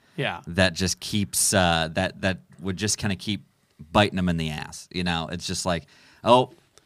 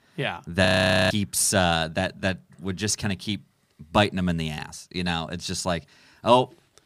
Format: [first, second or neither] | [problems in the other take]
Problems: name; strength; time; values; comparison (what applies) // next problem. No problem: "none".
first | audio freezing; at 0.5 s